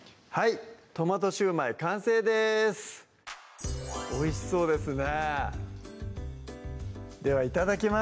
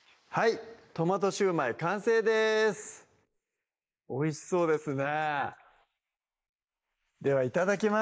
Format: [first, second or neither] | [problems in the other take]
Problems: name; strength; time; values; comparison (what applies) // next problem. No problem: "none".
first | noise reduction (neural mask model Resemble Enhance denoiser)